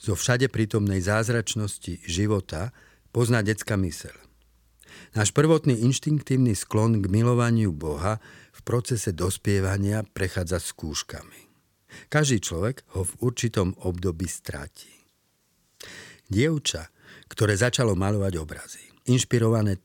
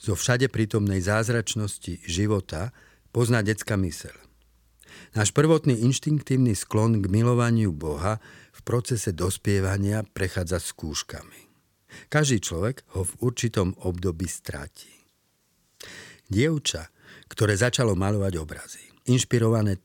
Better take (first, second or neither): neither